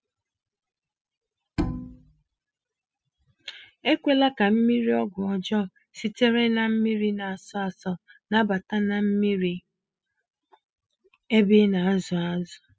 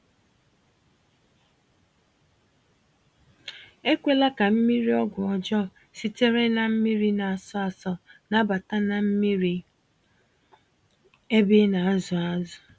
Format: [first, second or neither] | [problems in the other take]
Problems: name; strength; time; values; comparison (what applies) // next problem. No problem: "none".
second | noise reduction (classical method spectral subtraction)